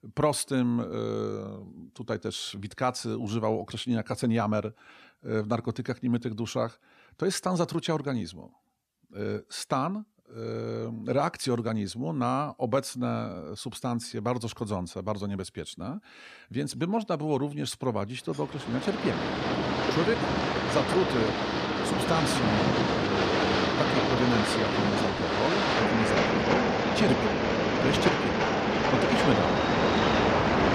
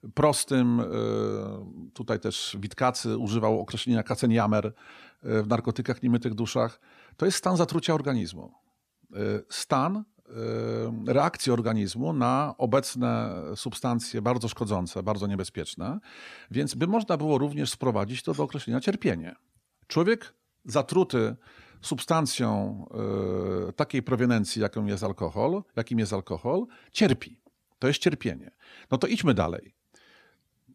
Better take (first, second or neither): second